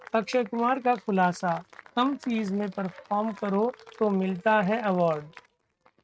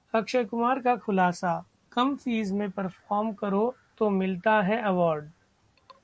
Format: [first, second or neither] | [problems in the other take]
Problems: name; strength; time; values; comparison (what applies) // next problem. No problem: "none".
second | noise reduction (neural mask model RNNoise)